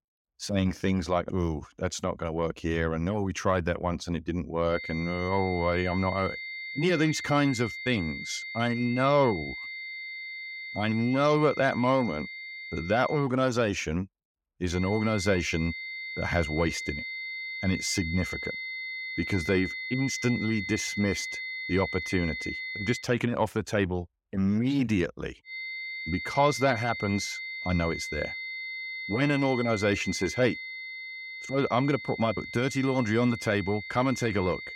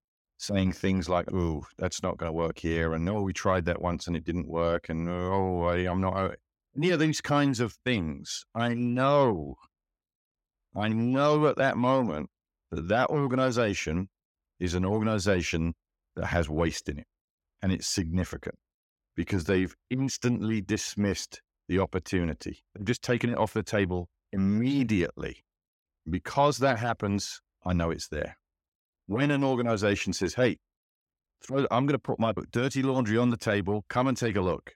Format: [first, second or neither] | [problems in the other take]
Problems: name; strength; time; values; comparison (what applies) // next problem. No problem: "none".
second | high-pitched whine; loud; from 4.5 to 13 s, from 15 to 23 s and from 26 s on; 2 kHz, 7 dB below the speech